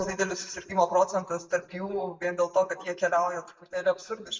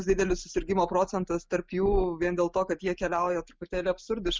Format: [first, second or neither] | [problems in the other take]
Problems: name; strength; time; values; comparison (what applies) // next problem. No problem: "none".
second | noise reduction (neural mask model DeepFilterNet 3)